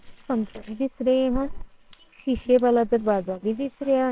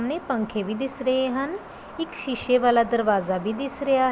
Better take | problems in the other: second | noise reduction (neural separator model SepFormer WHAMR!)

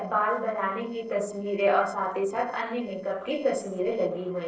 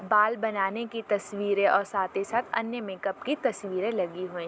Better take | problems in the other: second | noise reduction (neural separator model SepFormer DNS4)

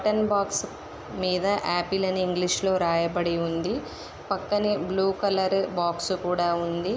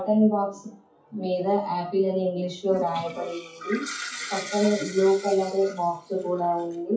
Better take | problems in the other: first | noise reduction (classical method WPE with log-MMSE)

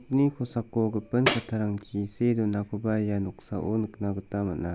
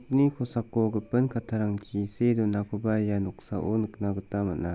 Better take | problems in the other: second | background sound (Tambourine); 6 dB below the speech

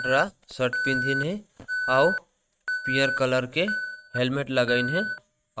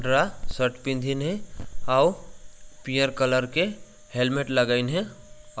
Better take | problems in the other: second | noise reduction (neural mask model RNNoise)

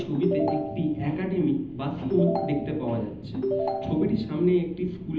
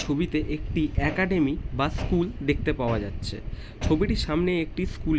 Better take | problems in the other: second | background sound (Ringtone / Chime); 4 dB below the speech // room echo; dies away in 0.8 s

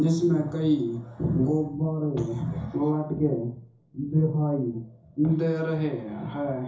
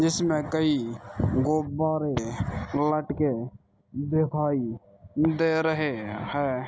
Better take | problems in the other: second | room echo; dies away in 0.6 s

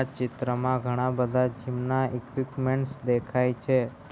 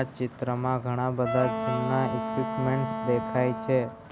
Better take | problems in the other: first | background sound (Wind instrument, woodwind instrument); 5 dB below the speech

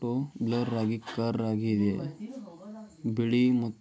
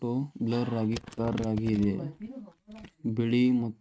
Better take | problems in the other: first | noise reduction (neural mask model RNNoise)

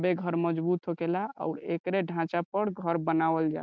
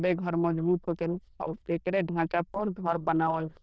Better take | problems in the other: first | noise reduction (neural diffusion model UNIVERSE++)

